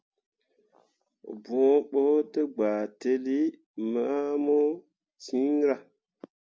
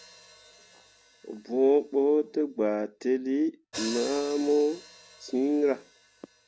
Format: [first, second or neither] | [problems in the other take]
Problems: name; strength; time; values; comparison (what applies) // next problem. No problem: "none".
first | background sound (Hi-hat); 18 dB below the speech